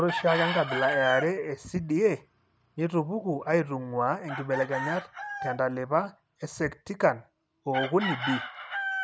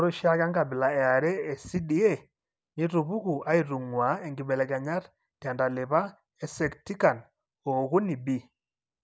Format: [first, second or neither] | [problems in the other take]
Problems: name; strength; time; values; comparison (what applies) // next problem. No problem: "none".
second | background sound (Chicken, rooster); 8 dB below the speech